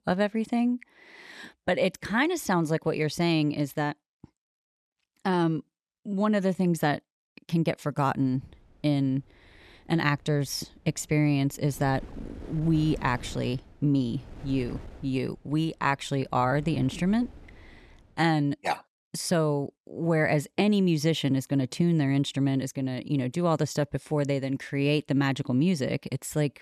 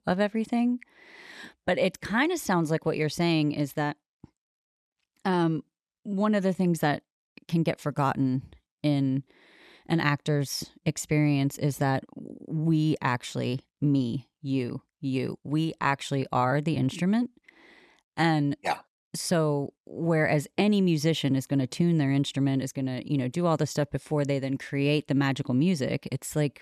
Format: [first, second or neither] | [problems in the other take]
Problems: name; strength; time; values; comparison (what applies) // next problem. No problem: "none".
second | wind noise on the microphone; occasional gusts; from 8 to 18 s; 20 dB below the speech